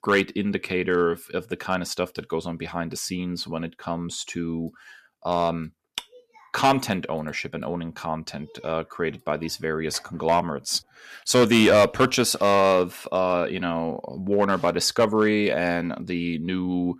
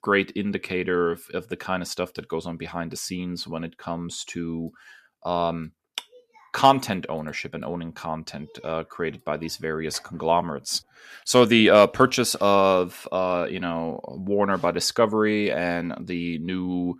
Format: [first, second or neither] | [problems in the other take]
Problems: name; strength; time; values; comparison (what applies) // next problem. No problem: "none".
second | distortion; slight; 1.7% of the sound clipped